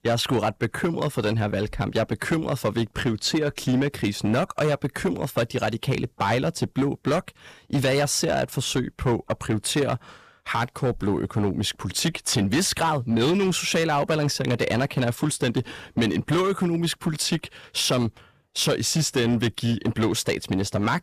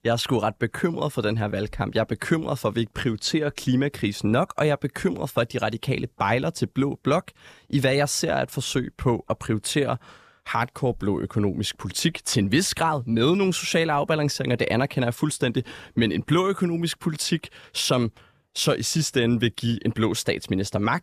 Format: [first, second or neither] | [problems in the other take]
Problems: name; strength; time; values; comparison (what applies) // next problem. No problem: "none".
second | distortion; slight; 8% of the sound clipped